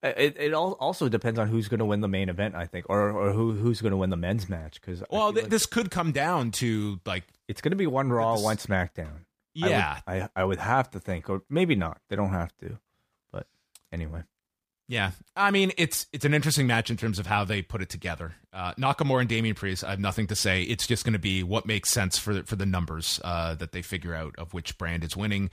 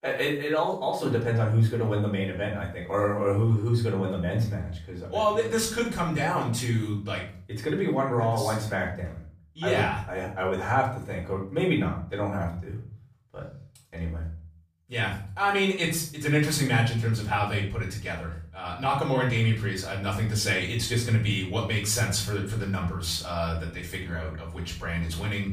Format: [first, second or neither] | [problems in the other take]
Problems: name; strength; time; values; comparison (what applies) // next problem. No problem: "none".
first | off-mic speech; far // room echo; slight; dies away in 0.4 s